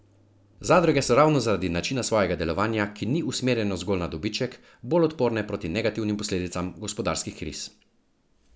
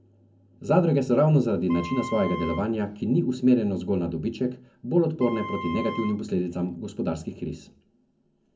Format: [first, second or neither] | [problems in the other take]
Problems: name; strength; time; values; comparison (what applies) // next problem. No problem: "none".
first | background sound (Wind instrument, woodwind instrument); 12 dB below the speech // room echo; dies away in 0.3 s